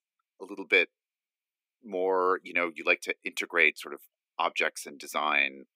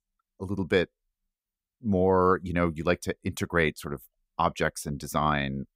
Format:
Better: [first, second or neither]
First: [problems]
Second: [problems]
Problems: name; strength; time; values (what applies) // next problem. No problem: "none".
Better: second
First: thin; somewhat; fading below 300 Hz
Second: none